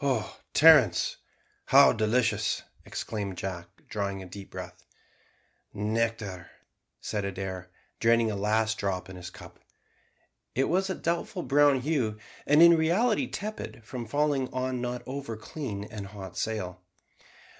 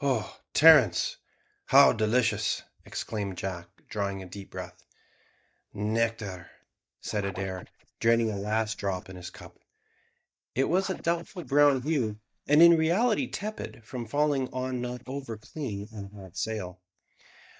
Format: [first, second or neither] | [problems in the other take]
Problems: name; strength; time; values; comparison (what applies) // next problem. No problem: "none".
first | noise reduction (neural mask model DeepFilterNet 3)